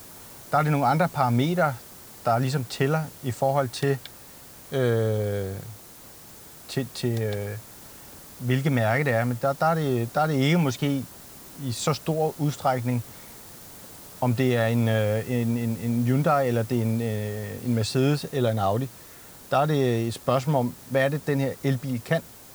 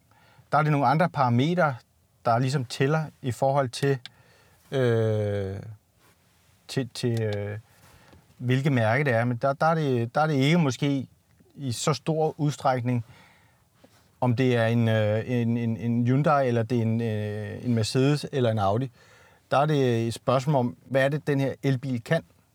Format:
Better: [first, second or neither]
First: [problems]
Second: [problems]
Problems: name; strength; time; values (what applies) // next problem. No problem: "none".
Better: second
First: hiss; noticeable; throughout; 20 dB below the speech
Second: none